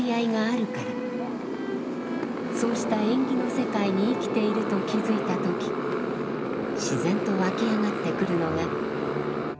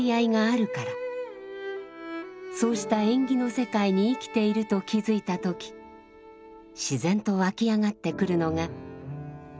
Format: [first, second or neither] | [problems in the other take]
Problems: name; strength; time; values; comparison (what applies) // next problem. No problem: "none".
second | background sound (Motorcycle); as loud as the speech